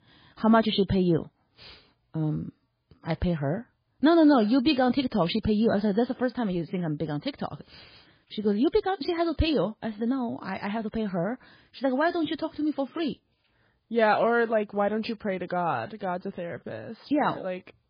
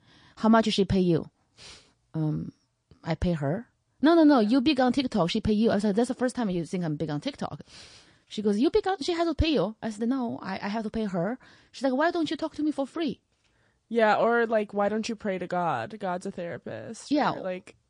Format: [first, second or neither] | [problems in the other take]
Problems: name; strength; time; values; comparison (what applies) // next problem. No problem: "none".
second | garbled, watery; badly; nothing above 4.5 kHz; slightly in the second